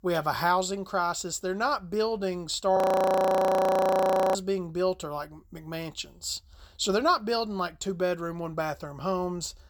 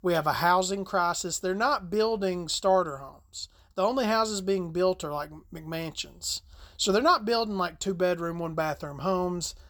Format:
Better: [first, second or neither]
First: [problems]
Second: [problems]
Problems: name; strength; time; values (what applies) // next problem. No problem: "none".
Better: second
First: audio freezing; at 3 s for 1.5 s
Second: none